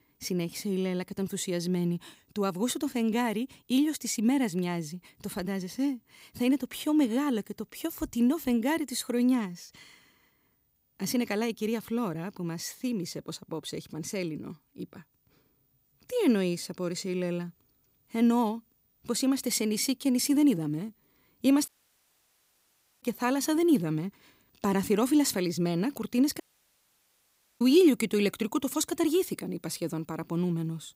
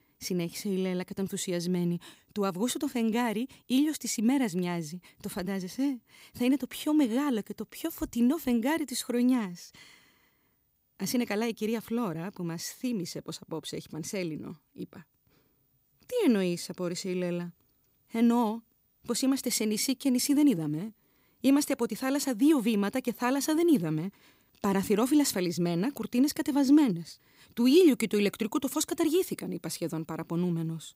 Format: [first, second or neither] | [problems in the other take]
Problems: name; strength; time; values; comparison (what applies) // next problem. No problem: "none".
second | audio cutting out; at 22 s for 1.5 s and at 26 s for 1 s